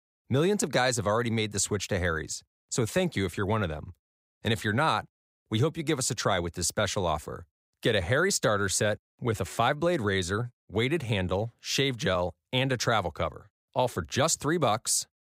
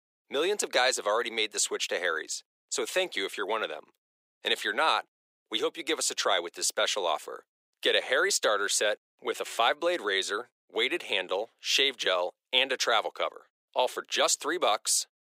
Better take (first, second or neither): first